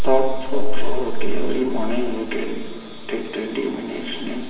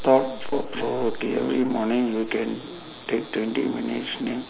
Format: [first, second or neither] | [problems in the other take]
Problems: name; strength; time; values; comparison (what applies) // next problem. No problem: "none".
second | room echo; dies away in 1.6 s